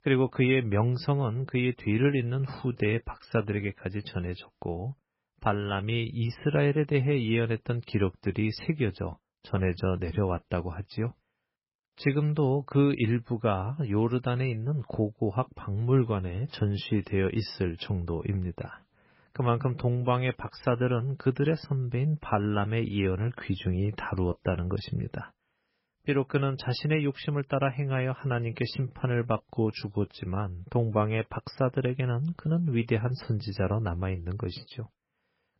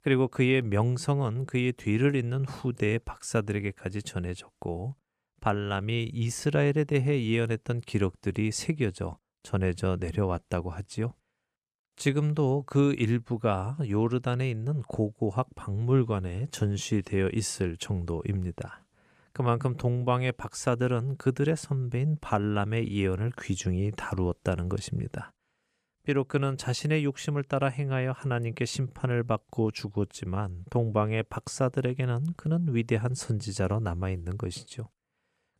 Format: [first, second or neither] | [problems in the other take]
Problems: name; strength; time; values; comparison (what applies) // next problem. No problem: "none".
second | garbled, watery; badly; nothing above 5.5 kHz